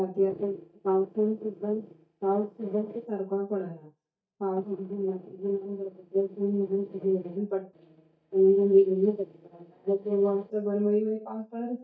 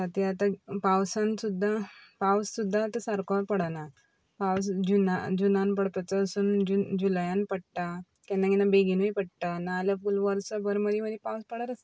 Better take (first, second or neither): second